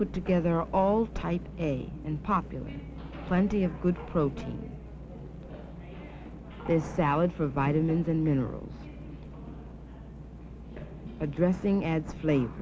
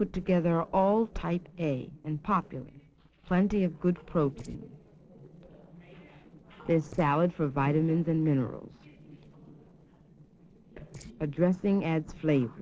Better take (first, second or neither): first